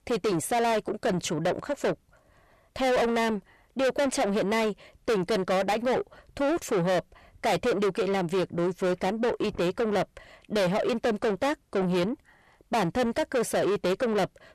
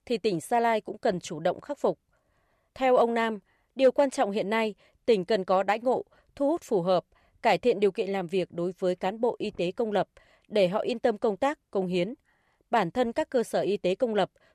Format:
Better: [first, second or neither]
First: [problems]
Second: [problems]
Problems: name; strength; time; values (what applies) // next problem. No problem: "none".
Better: second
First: distortion; heavy; 6 dB below the speech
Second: none